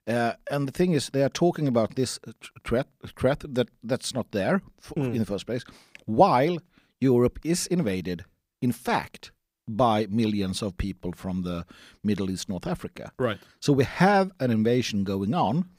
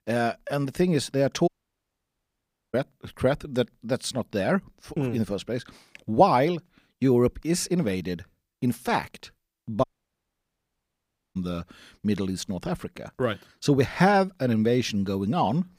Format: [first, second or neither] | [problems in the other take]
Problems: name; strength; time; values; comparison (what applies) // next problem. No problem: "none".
first | audio cutting out; at 1.5 s for 1.5 s and at 10 s for 1.5 s